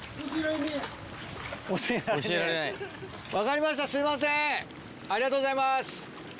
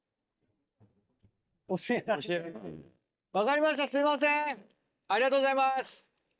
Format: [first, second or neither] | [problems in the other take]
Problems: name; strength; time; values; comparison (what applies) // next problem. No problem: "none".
first | noise reduction (neural mask model DeepFilterNet 3)